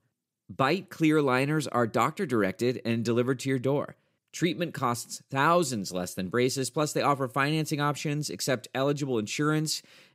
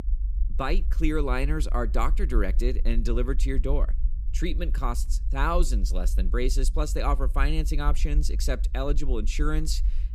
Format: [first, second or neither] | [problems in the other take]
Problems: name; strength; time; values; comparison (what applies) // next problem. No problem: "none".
first | low rumble; noticeable; throughout; 20 dB below the speech